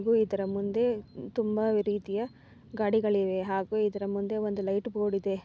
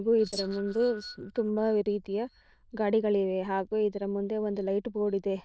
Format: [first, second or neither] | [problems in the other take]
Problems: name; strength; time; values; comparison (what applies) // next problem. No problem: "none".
first | noise reduction (neural diffusion model UNIVERSE++)